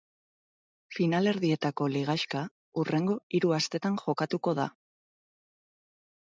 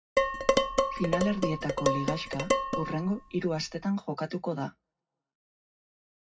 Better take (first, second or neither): first